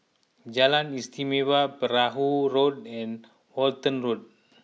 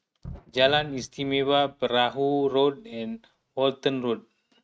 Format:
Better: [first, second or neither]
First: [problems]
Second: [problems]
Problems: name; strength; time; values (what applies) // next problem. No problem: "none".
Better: first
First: none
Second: noise reduction (neural mask model RNNoise)